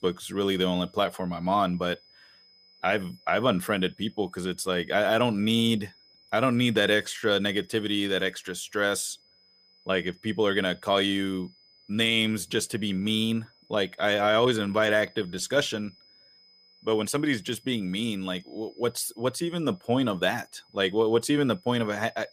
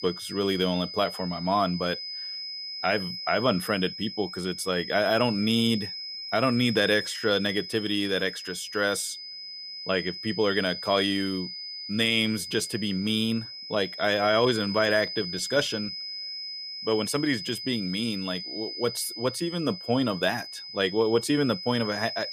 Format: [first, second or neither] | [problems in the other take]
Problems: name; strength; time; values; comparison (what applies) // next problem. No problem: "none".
first | high-pitched whine; loud; throughout; 5 kHz, 8 dB below the speech; faint in the first